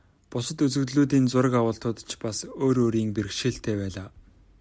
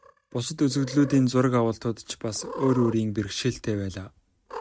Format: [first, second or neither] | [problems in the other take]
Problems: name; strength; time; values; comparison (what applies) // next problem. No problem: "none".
first | noise reduction (neural mask model RNNoise)